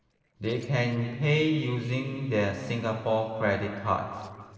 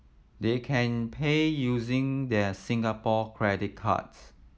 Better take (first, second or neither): second